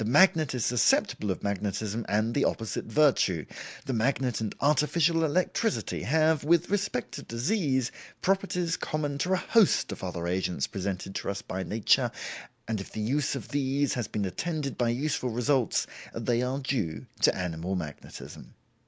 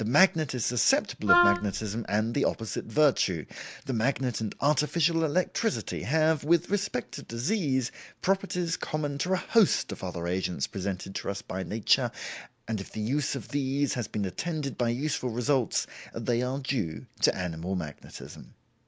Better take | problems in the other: first | background sound (Wind instrument, woodwind instrument); 2 dB above the speech

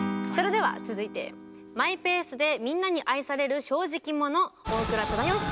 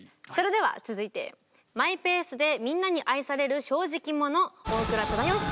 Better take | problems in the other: second | background sound (Acoustic guitar / Strum); 11 dB below the speech

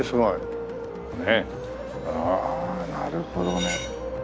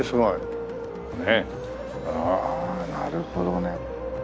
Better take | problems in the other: second | background sound (Cutlery, silverware); 8 dB below the speech

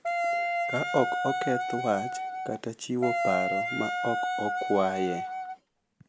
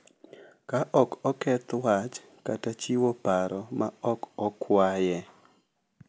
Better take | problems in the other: second | background sound (Wind instrument, woodwind instrument); 1 dB above the speech

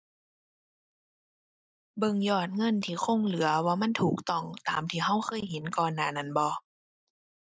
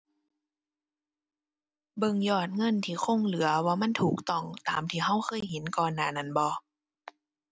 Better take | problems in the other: second | noise reduction (neural mask model Resemble Enhance denoiser)

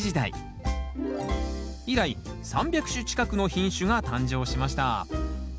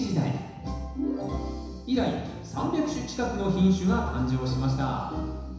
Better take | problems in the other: first | room echo; dies away in 1 s

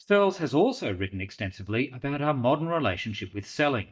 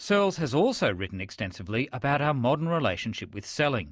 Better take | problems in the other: second | noise reduction (neural mask model DeepFilterNet 3)

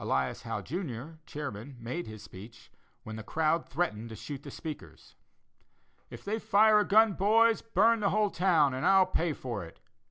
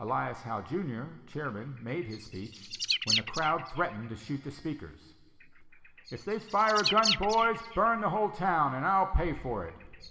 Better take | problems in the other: first | background sound (Bird); 8 dB below the speech // room echo; dies away in 1.5 s

